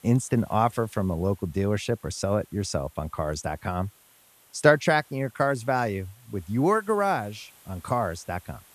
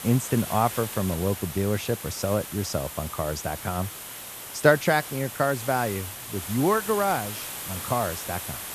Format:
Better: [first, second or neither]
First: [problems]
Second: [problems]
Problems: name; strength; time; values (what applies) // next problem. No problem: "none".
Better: first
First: hiss; faint; throughout; 25 dB below the speech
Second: hiss; loud; throughout; 8 dB below the speech